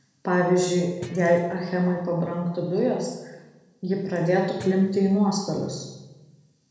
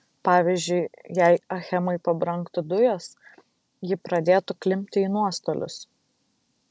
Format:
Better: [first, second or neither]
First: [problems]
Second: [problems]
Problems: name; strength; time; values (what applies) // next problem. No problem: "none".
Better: second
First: background sound (Guitar); 19 dB below the speech // room echo; dies away in 0.9 s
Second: none